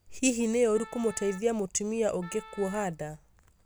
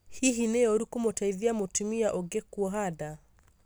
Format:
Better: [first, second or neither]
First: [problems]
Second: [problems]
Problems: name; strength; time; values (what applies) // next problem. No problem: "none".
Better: second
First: background sound (Wind instrument, woodwind instrument); 19 dB below the speech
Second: none